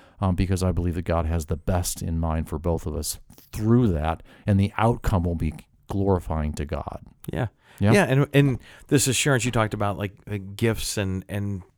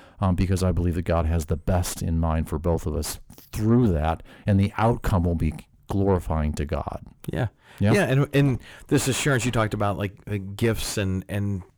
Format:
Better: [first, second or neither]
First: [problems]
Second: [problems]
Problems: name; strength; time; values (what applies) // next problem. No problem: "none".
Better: first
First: none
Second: distortion; slight; 10 dB below the speech